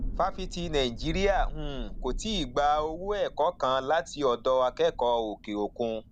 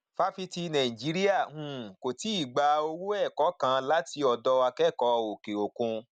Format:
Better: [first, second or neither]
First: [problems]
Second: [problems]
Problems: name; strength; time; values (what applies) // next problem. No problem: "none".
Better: second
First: background sound (Thunder); 9 dB below the speech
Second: none